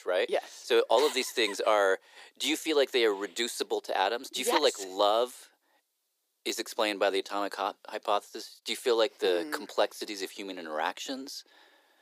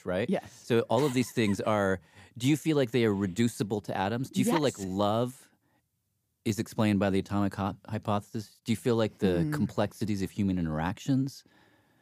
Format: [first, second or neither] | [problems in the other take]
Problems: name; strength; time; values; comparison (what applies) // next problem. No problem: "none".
second | thin; very; fading below 400 Hz